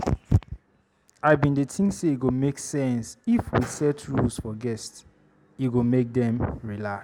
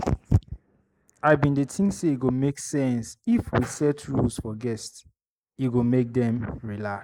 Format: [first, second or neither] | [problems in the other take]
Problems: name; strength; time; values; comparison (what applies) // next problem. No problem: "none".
first | noise reduction (neural mask model Resemble Enhance denoiser)